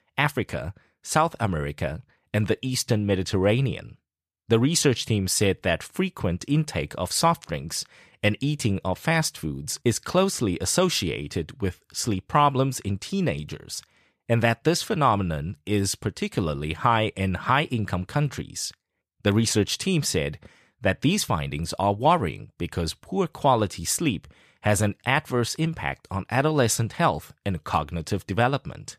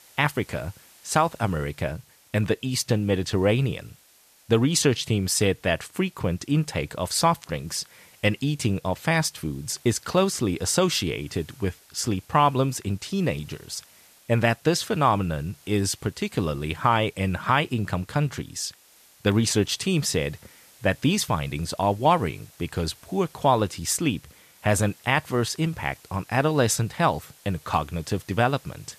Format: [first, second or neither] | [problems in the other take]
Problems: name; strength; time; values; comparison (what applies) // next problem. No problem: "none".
first | hiss; faint; throughout; 25 dB below the speech